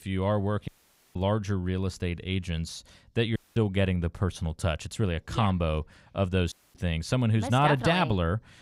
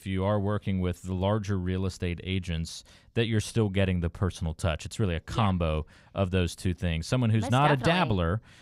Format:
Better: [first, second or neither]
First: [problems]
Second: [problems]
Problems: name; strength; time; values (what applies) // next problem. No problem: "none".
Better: second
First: audio cutting out; at 0.5 s, at 3.5 s and at 6.5 s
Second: none